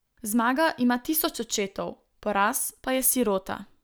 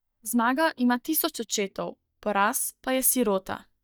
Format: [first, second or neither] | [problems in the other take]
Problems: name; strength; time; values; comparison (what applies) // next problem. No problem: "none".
first | noise reduction (neural mask model DeepFilterNet 3)